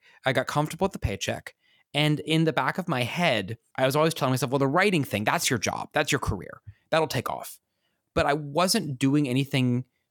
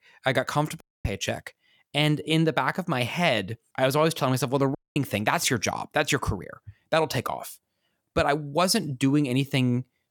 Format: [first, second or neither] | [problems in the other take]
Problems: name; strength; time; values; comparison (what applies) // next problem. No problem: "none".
first | audio cutting out; at 1 s and at 5 s